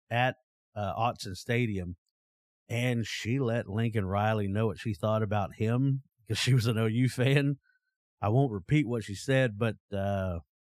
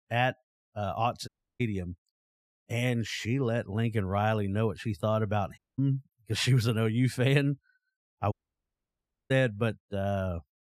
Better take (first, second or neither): first